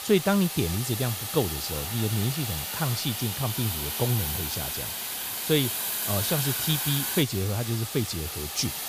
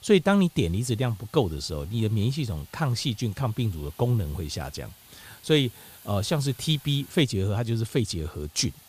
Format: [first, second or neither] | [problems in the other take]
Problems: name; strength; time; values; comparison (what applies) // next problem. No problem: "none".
second | hiss; loud; throughout; 1 dB below the speech; faint in the second